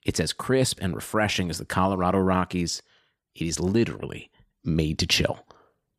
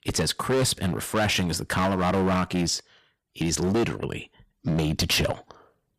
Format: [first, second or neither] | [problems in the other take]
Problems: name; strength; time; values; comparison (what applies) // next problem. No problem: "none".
first | distortion; heavy; 13% of the sound clipped